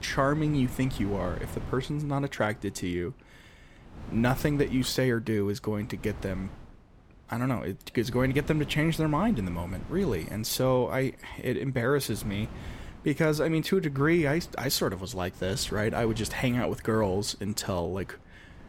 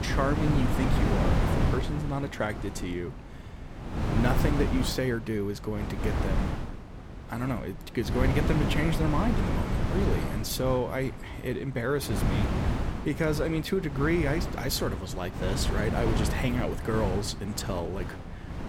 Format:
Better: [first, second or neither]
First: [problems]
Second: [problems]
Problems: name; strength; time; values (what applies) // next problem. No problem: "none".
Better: first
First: wind noise on the microphone; occasional gusts; 20 dB below the speech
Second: wind noise on the microphone; heavy; 3 dB below the speech